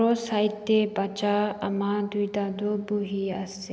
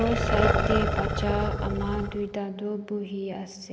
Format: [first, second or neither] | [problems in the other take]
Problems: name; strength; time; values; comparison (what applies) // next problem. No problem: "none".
first | background sound (Growling); 2 dB above the speech